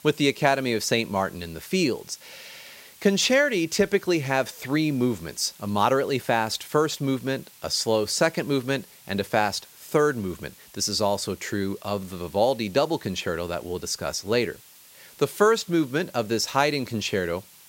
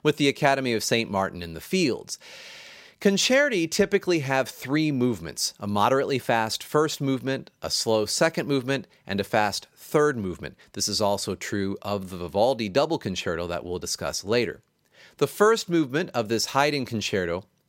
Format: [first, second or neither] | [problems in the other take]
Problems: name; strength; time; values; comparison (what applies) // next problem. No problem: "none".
second | hiss; faint; throughout; 25 dB below the speech